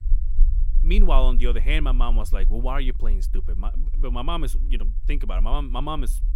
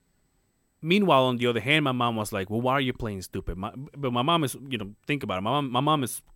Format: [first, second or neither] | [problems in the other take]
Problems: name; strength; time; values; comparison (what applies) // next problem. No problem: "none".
second | low rumble; faint; throughout; 20 dB below the speech